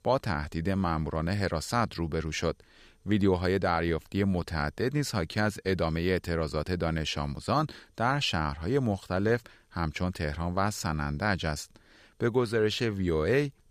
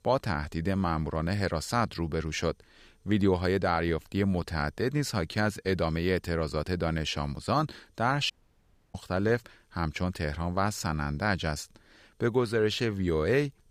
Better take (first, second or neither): first